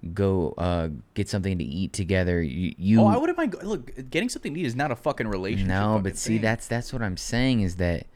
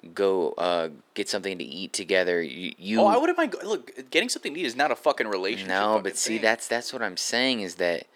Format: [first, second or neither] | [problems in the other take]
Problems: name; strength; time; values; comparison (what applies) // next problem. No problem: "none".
first | thin; somewhat; fading below 350 Hz